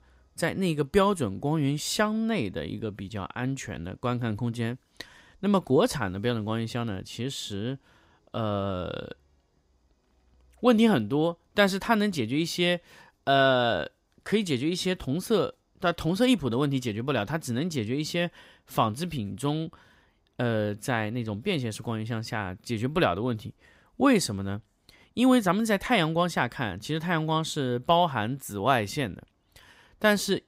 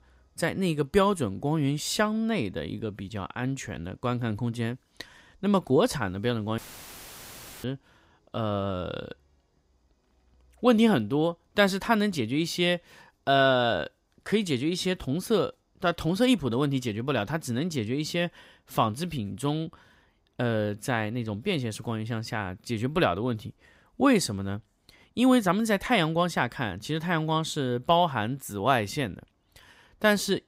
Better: first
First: none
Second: audio cutting out; filled with static; at 6.5 s for 1 s

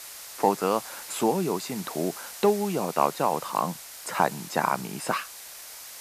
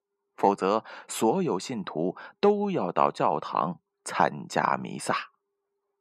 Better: second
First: hiss; noticeable; throughout; 10 dB below the speech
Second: none

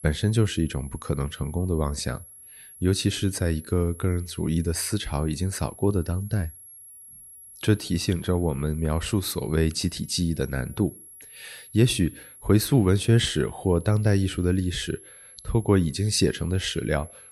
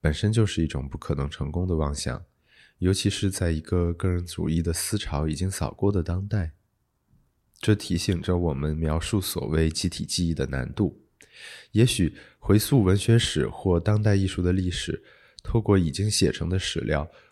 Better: second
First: high-pitched whine; noticeable; throughout; 11 kHz, 20 dB below the speech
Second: none

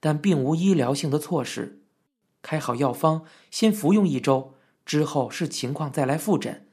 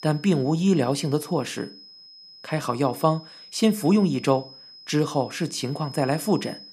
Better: first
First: none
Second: high-pitched whine; noticeable; throughout; 5 kHz, 20 dB below the speech

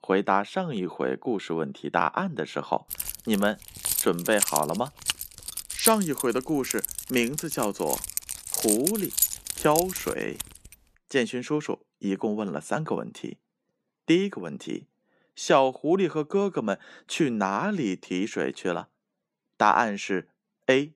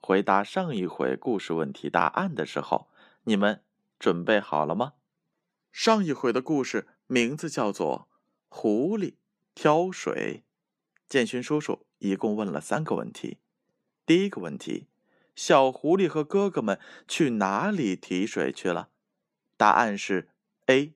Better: second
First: jangling keys; loud; from 3 to 10 s; peak 3 dB above the speech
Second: none

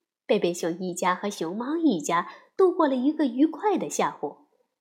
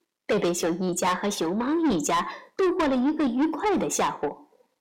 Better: first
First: none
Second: distortion; heavy; 7 dB below the speech

